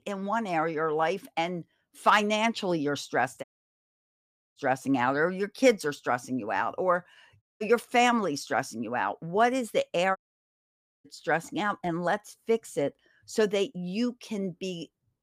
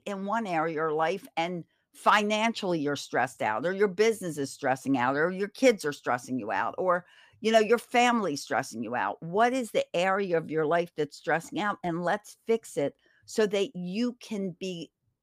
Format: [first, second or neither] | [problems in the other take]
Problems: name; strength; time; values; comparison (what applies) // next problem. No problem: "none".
second | audio cutting out; at 3.5 s for 1 s, at 7.5 s and at 10 s for 1 s